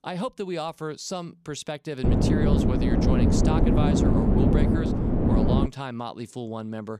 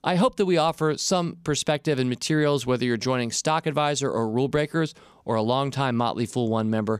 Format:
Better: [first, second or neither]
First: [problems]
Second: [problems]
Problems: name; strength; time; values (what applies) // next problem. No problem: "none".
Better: second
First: wind noise on the microphone; heavy; from 2 to 5.5 s; 5 dB above the speech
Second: none